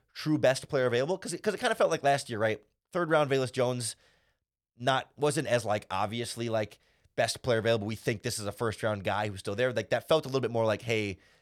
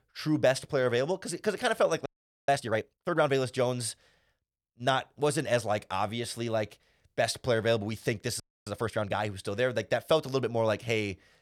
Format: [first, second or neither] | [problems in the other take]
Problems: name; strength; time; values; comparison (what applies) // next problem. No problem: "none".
first | audio freezing; at 2 s and at 8.5 s